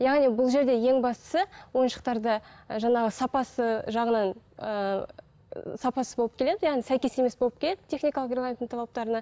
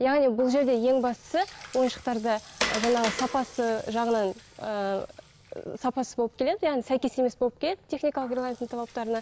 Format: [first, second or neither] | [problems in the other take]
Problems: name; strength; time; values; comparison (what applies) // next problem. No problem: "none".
first | background sound (Water); 13 dB below the speech